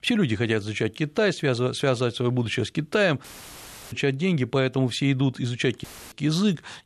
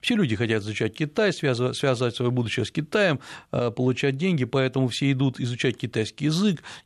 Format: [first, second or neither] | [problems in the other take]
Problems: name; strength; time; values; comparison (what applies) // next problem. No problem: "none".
second | audio cutting out; filled with static; at 3 s for 0.5 s and at 6 s